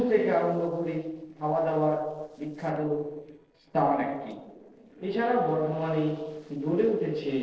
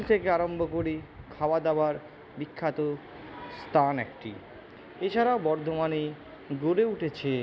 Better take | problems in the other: second | noise reduction (neural separator model SepFormer DNS4)

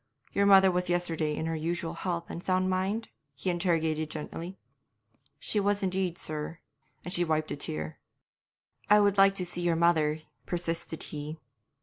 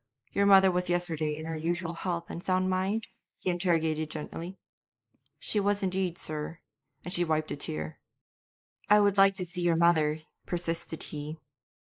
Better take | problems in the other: first | noise reduction (neural mask model Resemble Enhance denoiser)

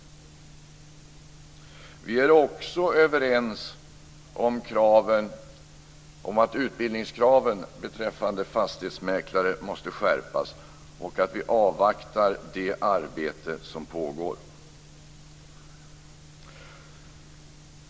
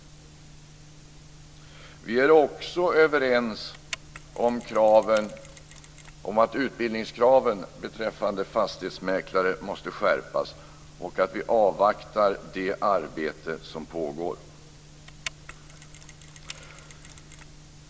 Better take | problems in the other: first | background sound (Mechanisms); 19 dB below the speech

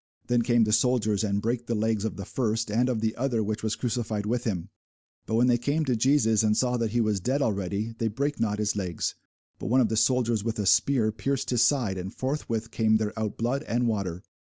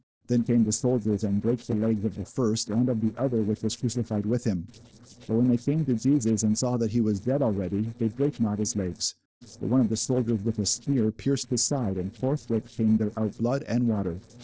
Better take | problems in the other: first | noise reduction (neural separator model SepFormer DNS4)

